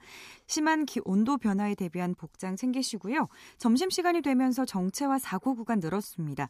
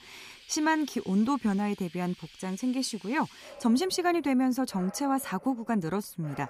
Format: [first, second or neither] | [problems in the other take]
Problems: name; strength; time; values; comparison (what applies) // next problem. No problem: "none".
first | animal sounds; faint; throughout; 20 dB below the speech